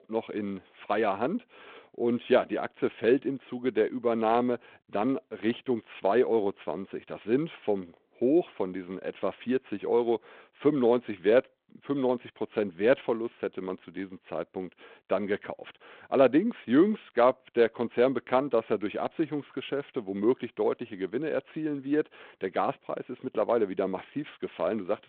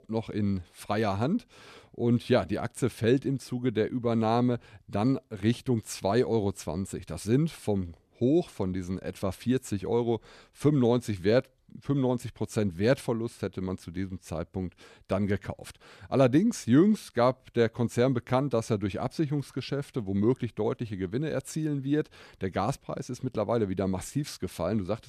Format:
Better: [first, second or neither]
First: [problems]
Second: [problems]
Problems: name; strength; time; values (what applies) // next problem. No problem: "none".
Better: second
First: phone-call audio; nothing above 4 kHz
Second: none